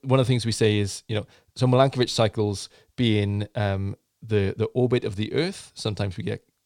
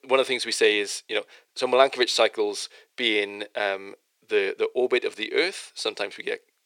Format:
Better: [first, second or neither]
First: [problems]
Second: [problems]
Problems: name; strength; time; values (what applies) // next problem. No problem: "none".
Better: first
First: none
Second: thin; very; fading below 400 Hz